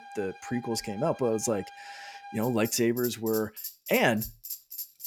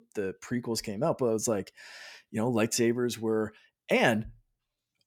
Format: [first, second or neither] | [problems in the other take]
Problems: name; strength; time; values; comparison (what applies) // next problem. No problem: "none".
second | background music; noticeable; throughout; 10 dB below the speech